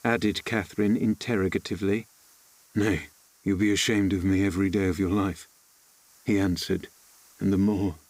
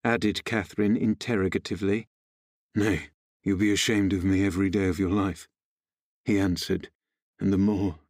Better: second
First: hiss; faint; throughout; 30 dB below the speech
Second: none

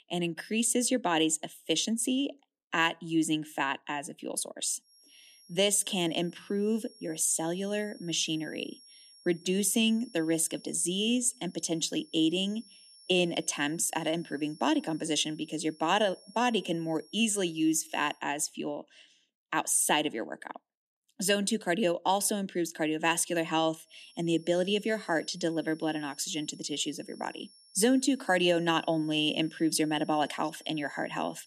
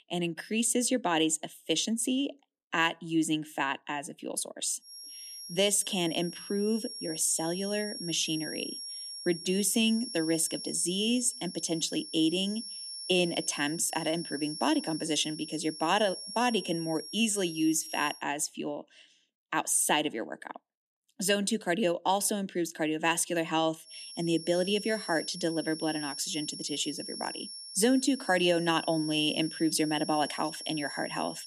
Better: first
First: high-pitched whine; faint; from 5 to 18 s and from 24 s on; 5.5 kHz, 25 dB below the speech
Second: high-pitched whine; loud; from 5 to 18 s and from 24 s on; 5.5 kHz, 10 dB below the speech

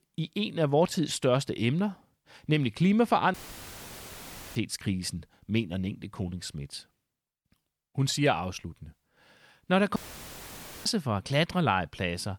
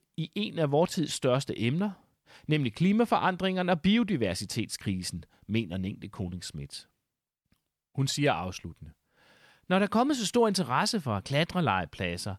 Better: second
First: audio cutting out; filled with static; at 3.5 s for 1 s and at 10 s for 1 s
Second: none

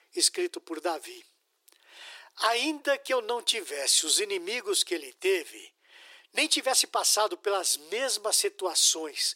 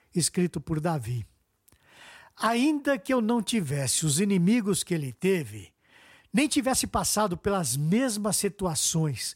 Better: second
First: thin; very; fading below 350 Hz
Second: none

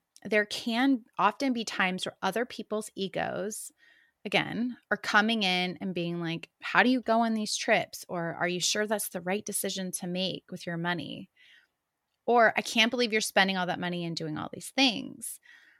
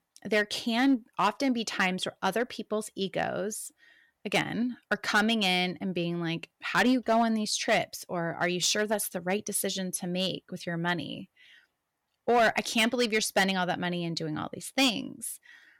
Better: first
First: none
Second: distortion; slight; 2% of the sound clipped

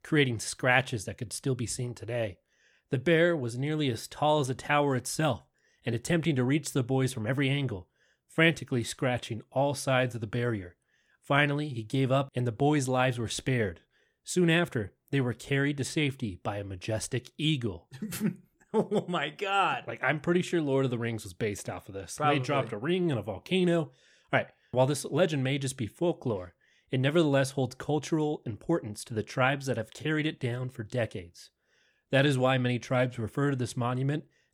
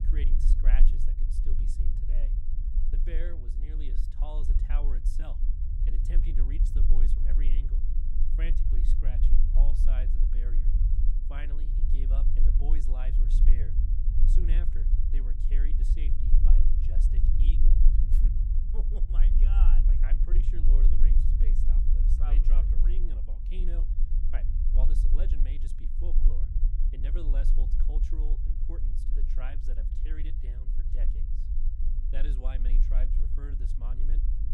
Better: first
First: none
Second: low rumble; loud; throughout; 2 dB below the speech

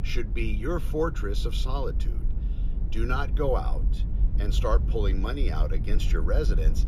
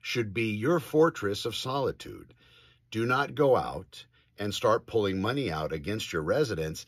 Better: second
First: low rumble; noticeable; throughout; 15 dB below the speech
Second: none

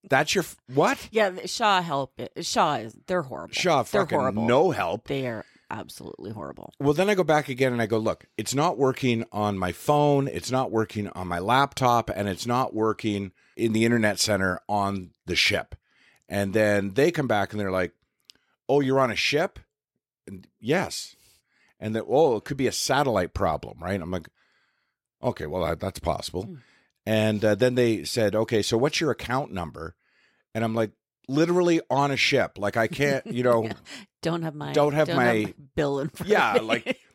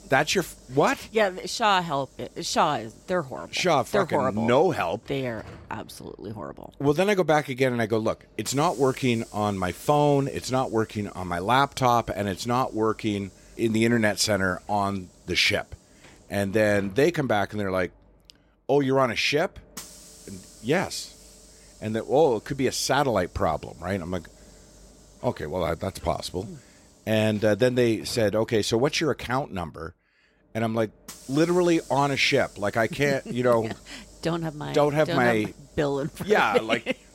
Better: first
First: none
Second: hiss; faint; throughout; 25 dB below the speech

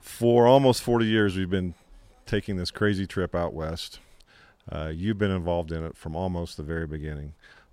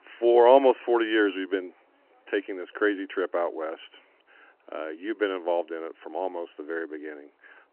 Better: first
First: none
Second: phone-call audio

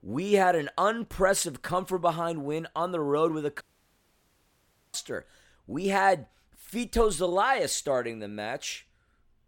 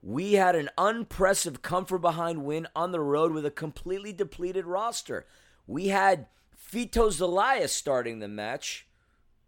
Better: second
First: audio cutting out; at 3.5 s for 1.5 s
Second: none

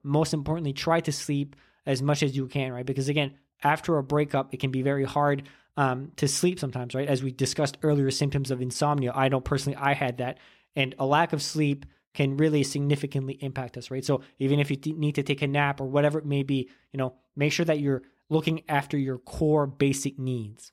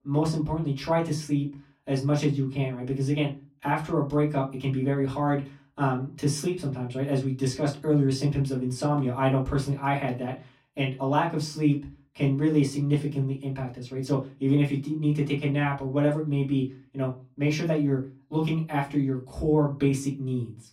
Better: first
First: none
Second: off-mic speech; far // room echo; very slight; dies away in 0.2 s

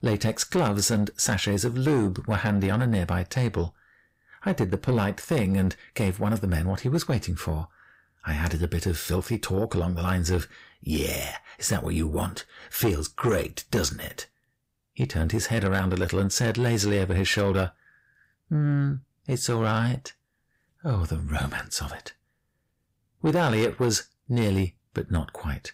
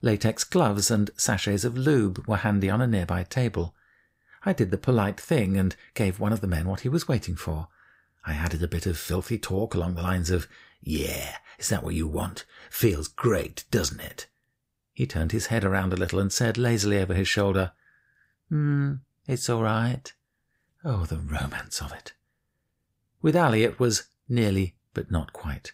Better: second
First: distortion; slight; 10 dB below the speech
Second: none

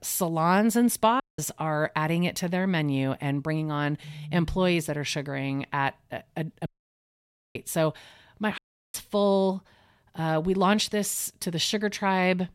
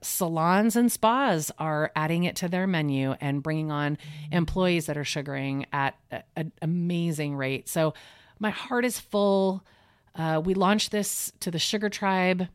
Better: second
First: audio cutting out; at 1 s, at 6.5 s for 1 s and at 8.5 s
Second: none

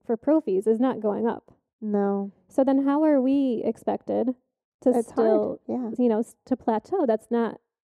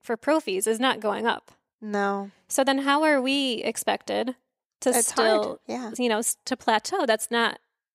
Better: second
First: muffled; very; fading above 1 kHz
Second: none

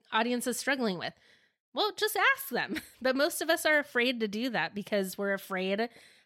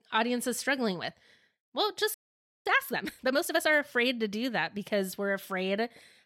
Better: first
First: none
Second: audio freezing; at 2 s for 0.5 s

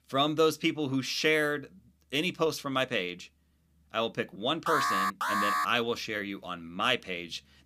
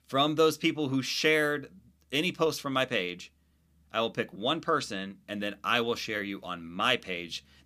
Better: second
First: alarm; loud; at 4.5 s; peak 2 dB above the speech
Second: none

